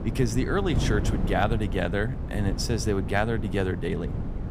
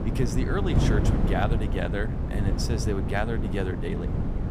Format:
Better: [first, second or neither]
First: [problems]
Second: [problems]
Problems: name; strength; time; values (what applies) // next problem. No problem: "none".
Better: first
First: wind noise on the microphone; occasional gusts; 10 dB below the speech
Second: wind noise on the microphone; heavy; 4 dB below the speech